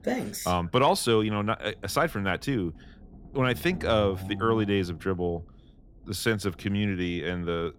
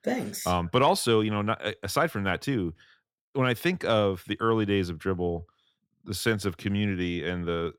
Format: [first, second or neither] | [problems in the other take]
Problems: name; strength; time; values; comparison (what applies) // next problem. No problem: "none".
second | low rumble; faint; throughout; 20 dB below the speech